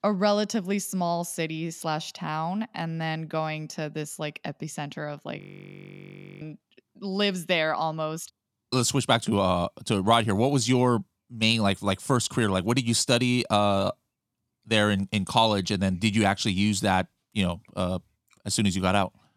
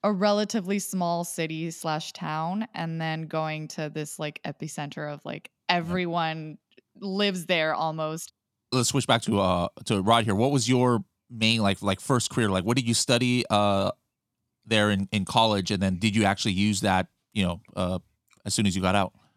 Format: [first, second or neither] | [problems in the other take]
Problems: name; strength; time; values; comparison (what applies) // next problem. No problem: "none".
second | audio freezing; at 5.5 s for 1 s